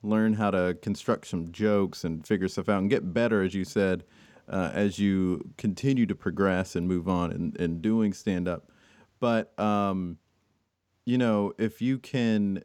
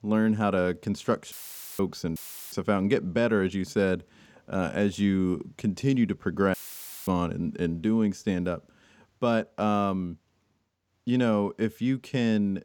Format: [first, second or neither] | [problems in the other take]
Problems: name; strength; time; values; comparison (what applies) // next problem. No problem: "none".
first | audio cutting out; filled with static; at 1.5 s, at 2 s and at 6.5 s for 0.5 s